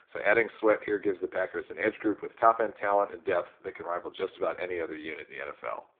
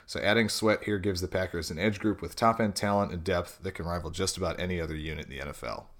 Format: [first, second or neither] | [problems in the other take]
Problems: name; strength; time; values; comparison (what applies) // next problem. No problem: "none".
second | phone-call audio; poor line; nothing above 3.5 kHz